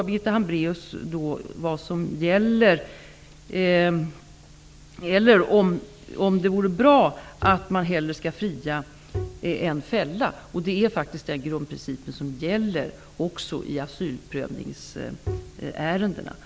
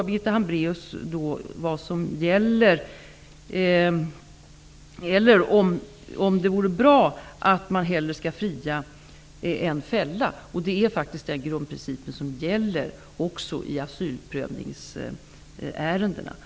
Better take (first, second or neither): second